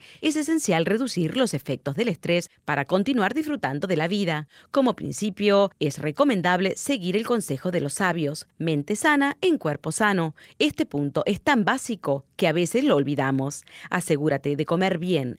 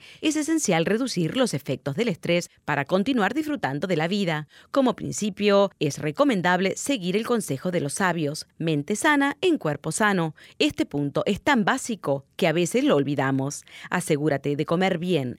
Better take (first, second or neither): second